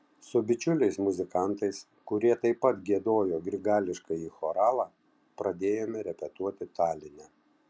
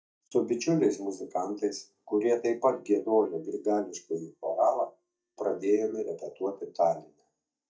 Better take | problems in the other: first | noise reduction (neural mask model DeepFilterNet 3)

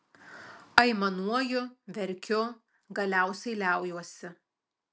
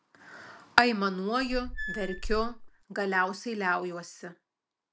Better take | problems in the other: first | background sound (Squeak / Screech); 4 dB below the speech

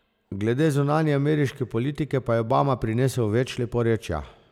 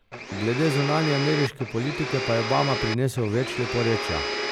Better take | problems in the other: first | background sound (Domestic sounds, home sounds); 4 dB below the speech

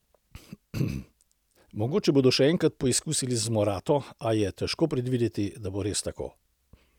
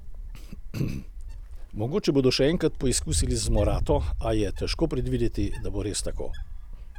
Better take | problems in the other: first | background sound (Wind); 2 dB below the speech

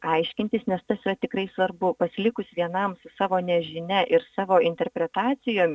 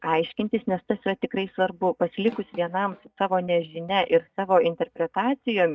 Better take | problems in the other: first | noise reduction (neural mask model DeepFilterNet 3)

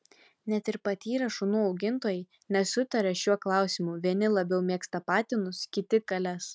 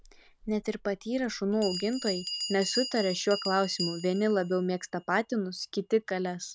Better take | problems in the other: first | background sound (Bell); 11 dB below the speech

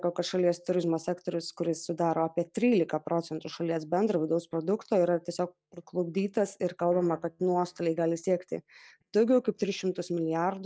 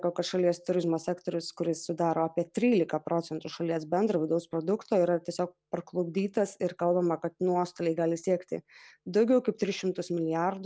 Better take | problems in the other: second | noise reduction (neural mask model DeepFilterNet 3)

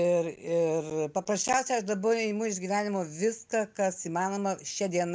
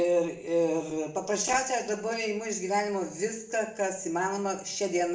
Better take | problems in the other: first | room echo; dies away in 0.5 s

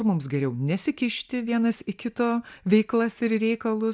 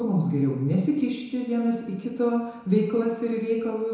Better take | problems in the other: first | room echo; dies away in 1 s

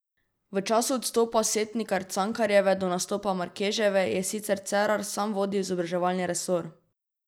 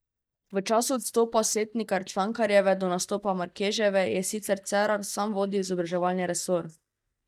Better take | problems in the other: first | noise reduction (neural mask model DeepFilterNet 3)

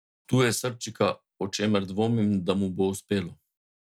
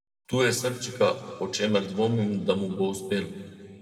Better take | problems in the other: first | room echo; dies away in 1.7 s

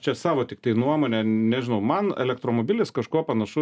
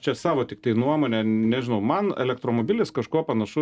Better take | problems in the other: first | noise reduction (neural separator model SepFormer DNS4)

